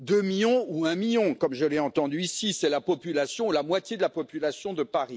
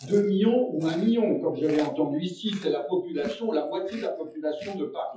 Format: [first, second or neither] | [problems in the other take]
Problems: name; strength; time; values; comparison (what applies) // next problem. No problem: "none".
first | noise reduction (classical method WPE with log-MMSE)